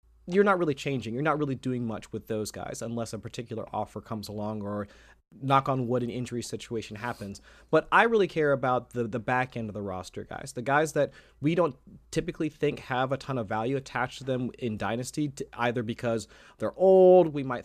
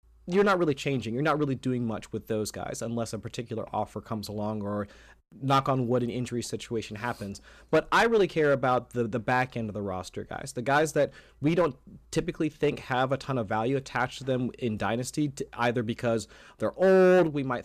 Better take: first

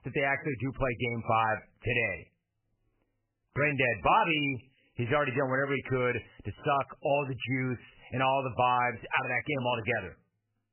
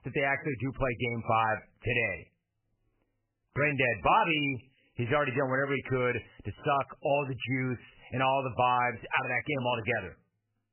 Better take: neither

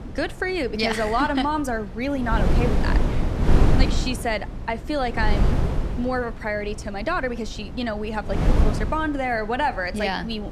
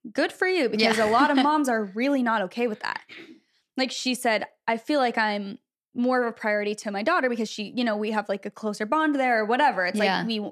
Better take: second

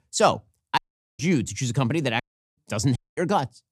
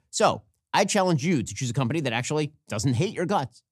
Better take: second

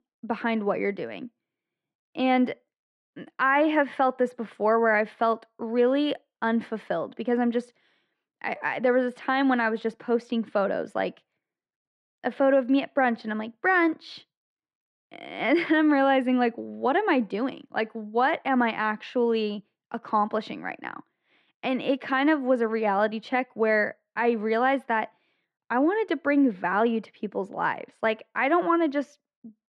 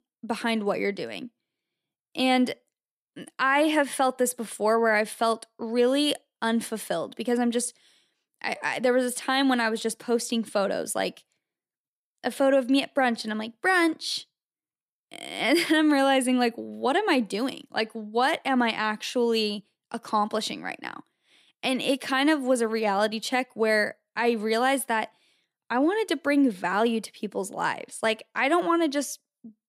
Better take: second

